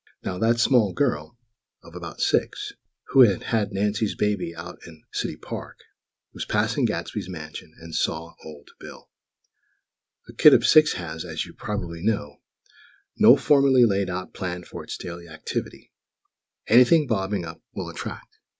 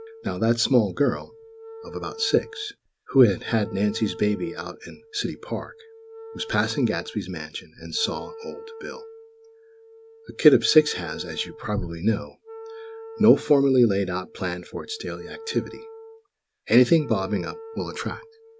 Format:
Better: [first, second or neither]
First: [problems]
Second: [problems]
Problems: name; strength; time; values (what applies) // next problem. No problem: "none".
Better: first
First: none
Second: background sound (Wind instrument, woodwind instrument); 17 dB below the speech